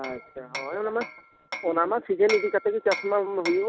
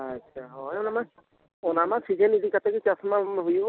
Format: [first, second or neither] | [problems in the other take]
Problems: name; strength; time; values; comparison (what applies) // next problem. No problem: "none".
second | background sound (Hammer); 12 dB below the speech